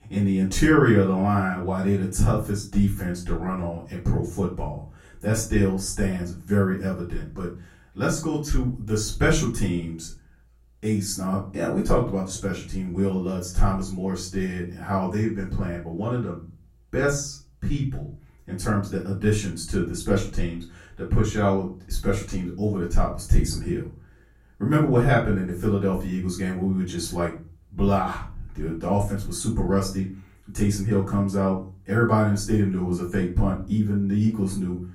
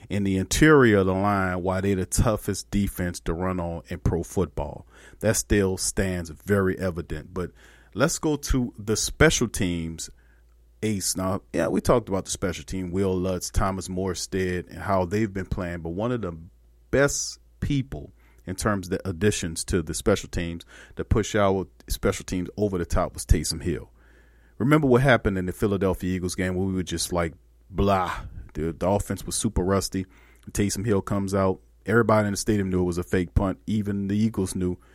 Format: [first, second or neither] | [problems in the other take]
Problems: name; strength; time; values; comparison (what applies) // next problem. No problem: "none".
second | room echo; slight; dies away in 0.3 s // off-mic speech; far